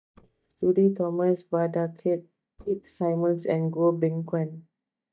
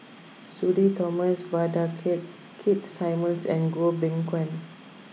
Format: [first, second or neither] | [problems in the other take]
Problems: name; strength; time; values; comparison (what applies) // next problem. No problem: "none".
second | noise reduction (neural mask model DeepFilterNet 3)